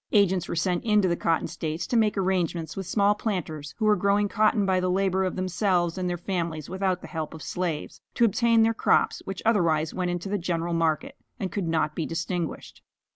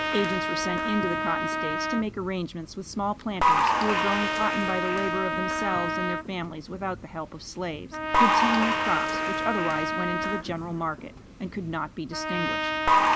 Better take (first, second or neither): first